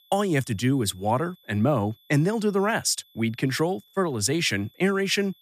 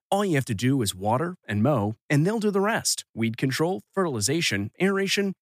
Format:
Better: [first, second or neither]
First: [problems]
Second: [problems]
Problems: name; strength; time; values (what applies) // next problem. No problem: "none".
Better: second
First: high-pitched whine; faint; throughout; 3.5 kHz, 30 dB below the speech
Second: none